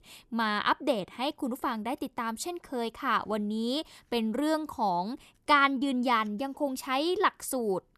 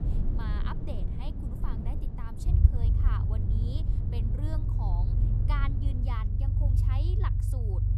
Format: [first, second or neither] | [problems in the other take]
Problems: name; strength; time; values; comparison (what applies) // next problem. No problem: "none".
first | low rumble; loud; throughout; 1 dB below the speech